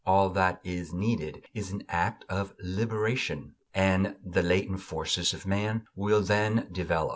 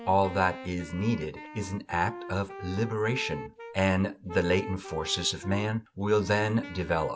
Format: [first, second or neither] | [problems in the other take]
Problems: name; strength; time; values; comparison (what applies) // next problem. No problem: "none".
first | background sound (Wind instrument, woodwind instrument); 14 dB below the speech